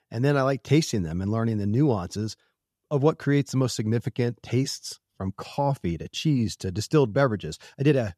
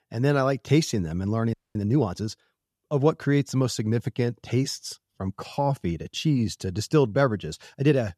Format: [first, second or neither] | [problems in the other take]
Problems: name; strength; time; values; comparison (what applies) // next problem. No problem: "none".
first | audio freezing; at 1.5 s